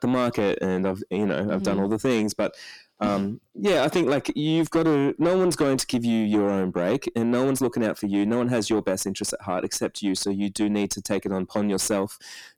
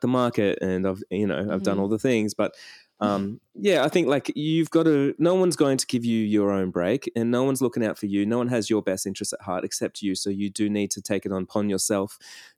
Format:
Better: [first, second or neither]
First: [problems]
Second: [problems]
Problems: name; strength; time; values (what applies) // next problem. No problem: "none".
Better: second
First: distortion; slight; 10 dB below the speech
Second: none